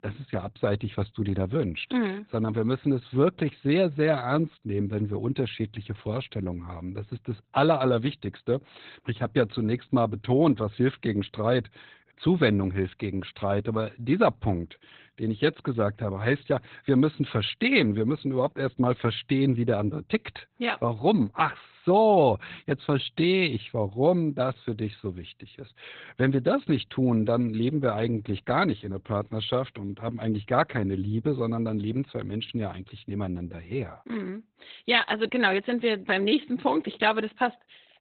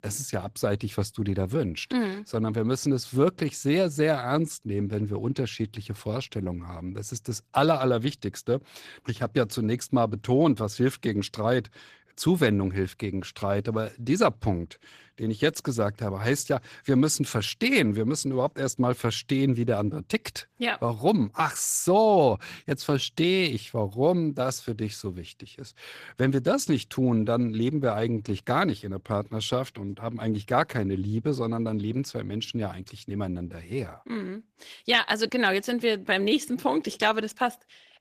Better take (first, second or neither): second